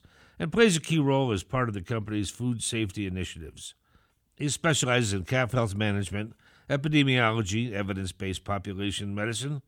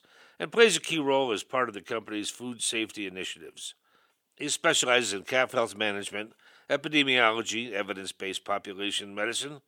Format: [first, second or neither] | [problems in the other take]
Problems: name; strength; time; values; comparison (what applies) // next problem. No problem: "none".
first | thin; somewhat; fading below 450 Hz